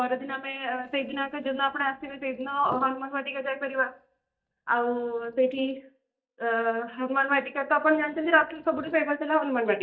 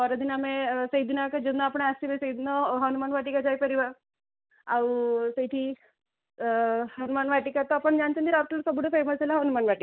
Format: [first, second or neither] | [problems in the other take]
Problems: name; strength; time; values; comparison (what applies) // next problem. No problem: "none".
second | noise reduction (neural mask model DeepFilterNet 3)